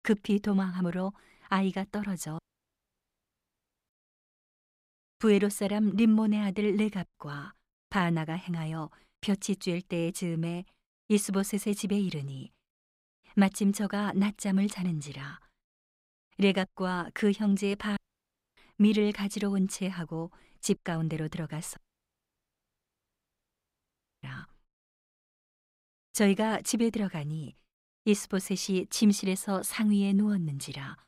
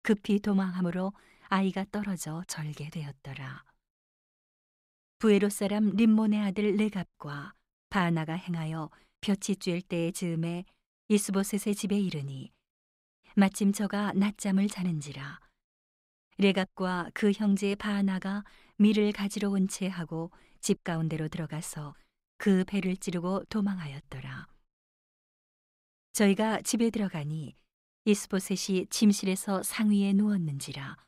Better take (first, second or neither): second